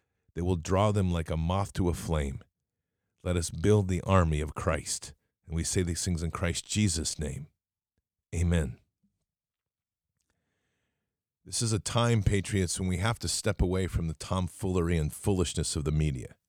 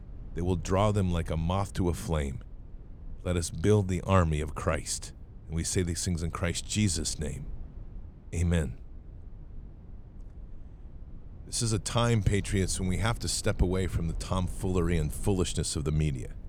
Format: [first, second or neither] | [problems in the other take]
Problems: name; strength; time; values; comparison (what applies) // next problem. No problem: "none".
first | low rumble; faint; throughout; 25 dB below the speech